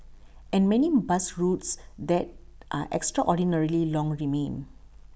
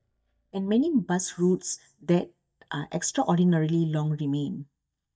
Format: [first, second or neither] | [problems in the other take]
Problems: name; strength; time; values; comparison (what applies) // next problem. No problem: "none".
first | noise reduction (neural mask model DeepFilterNet 3)